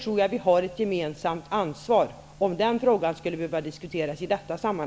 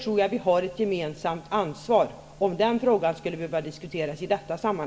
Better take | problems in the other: first | room echo; dies away in 0.5 s

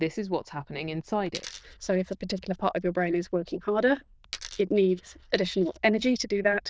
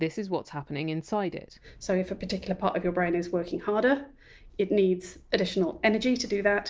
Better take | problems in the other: second | noise reduction (neural diffusion model UNIVERSE++)

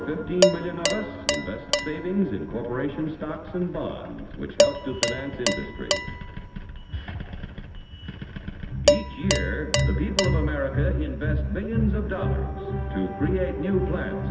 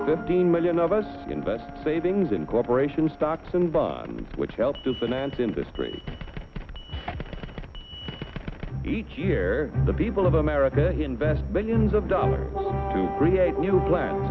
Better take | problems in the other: second | background sound (Dishes, pots, and pans); 2 dB below the speech // room echo; dies away in 2.2 s

